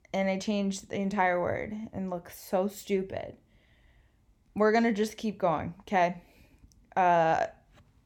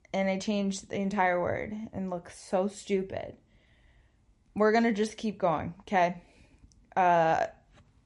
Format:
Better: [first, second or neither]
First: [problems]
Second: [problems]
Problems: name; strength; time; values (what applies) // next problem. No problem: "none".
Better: first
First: none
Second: garbled, watery; slightly; nothing above 10 kHz